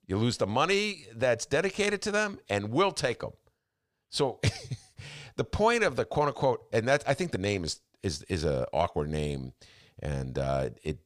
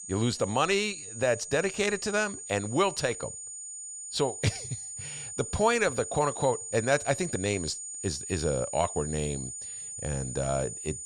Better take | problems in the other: first | high-pitched whine; loud; throughout; 7 kHz, 8 dB below the speech

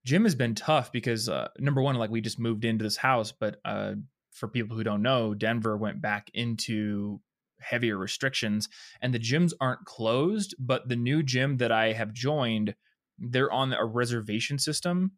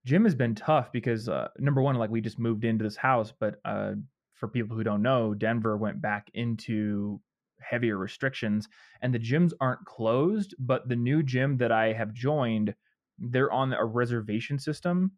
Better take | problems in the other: first | muffled; very; fading above 3 kHz

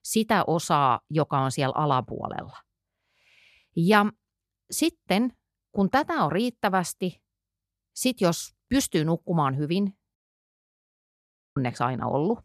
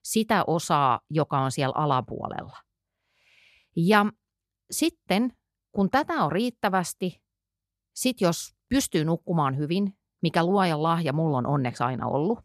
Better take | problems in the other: second | audio cutting out; at 10 s for 1.5 s

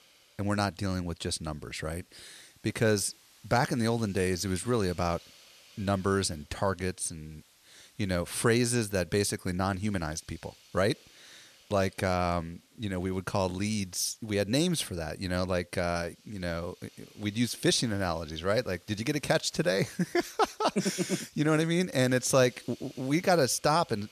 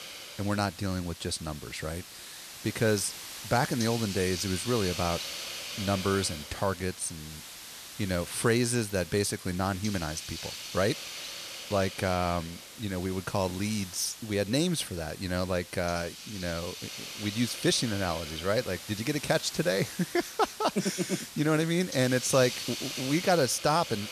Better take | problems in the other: first | hiss; loud; throughout; 9 dB below the speech; faint in the first

